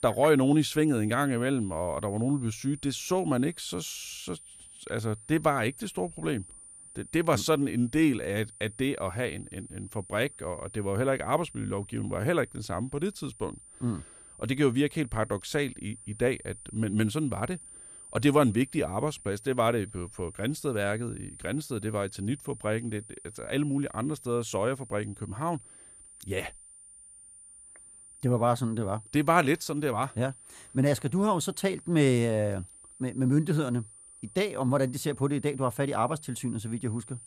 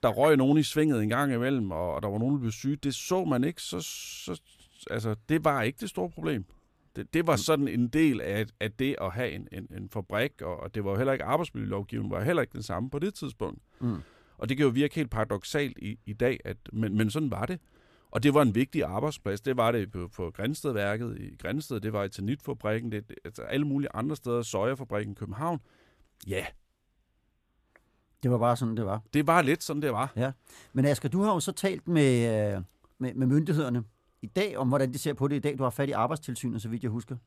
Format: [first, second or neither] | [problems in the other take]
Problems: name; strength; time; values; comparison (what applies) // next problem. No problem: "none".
second | high-pitched whine; noticeable; throughout; 9 kHz, 20 dB below the speech